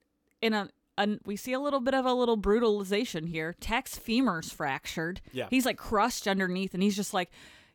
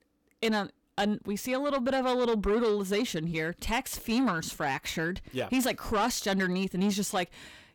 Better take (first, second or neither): first